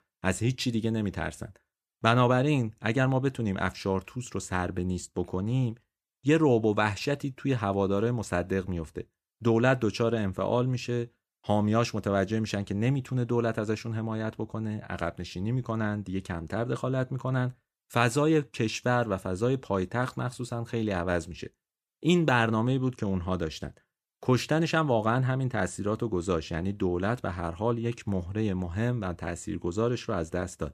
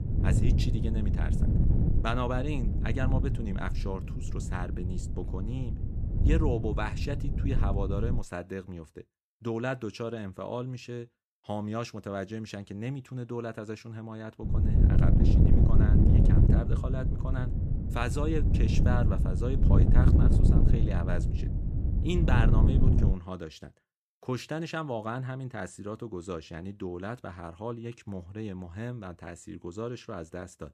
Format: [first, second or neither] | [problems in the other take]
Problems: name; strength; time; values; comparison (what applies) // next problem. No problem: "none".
first | wind noise on the microphone; heavy; until 8 s and from 14 to 23 s; 1 dB below the speech